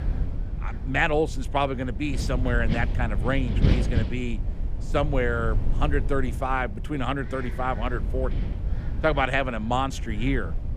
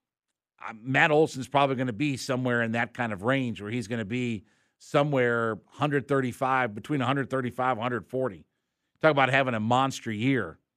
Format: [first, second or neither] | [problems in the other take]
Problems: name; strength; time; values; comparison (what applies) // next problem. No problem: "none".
second | wind noise on the microphone; occasional gusts; 15 dB below the speech